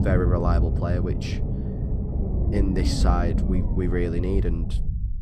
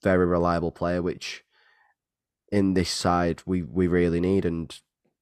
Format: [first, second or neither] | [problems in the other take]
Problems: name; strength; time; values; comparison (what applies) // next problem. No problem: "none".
second | low rumble; loud; throughout; 7 dB below the speech